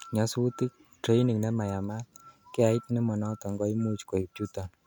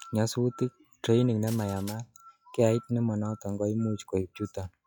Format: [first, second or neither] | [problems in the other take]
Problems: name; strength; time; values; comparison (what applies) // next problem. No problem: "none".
first | noise reduction (classical method log-MMSE)